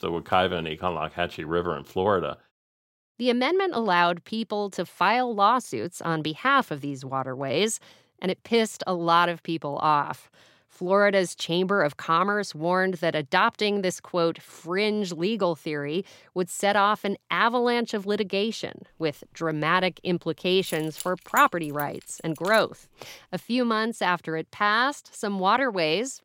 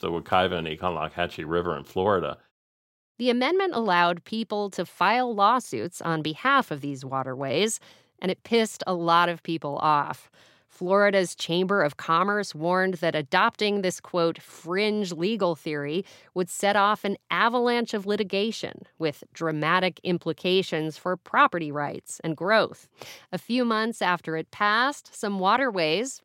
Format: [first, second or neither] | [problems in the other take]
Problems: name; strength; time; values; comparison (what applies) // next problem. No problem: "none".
second | jangling keys; faint; from 21 to 23 s; peak 10 dB below the speech